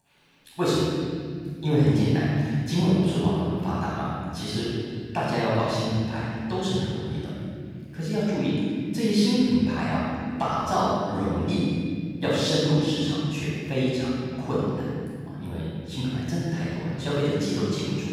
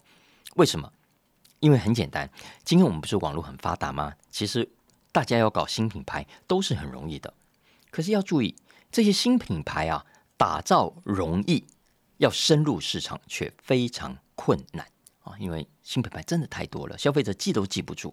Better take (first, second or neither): second